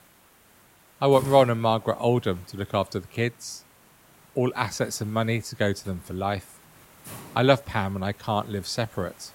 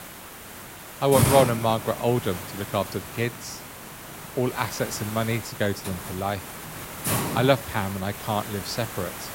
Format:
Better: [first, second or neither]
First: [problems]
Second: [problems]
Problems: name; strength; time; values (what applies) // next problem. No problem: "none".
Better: first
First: hiss; faint; throughout; 20 dB below the speech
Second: hiss; loud; throughout; 5 dB below the speech